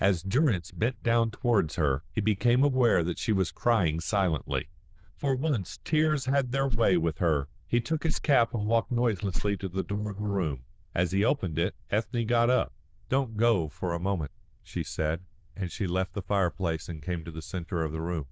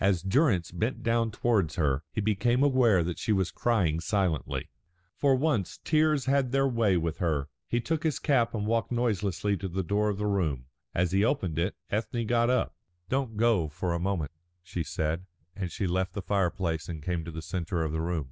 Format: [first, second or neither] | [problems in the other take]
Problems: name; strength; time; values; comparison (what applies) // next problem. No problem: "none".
second | noise reduction (neural diffusion model UNIVERSE++)